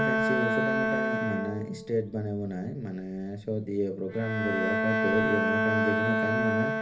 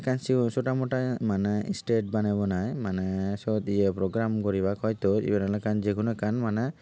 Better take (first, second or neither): second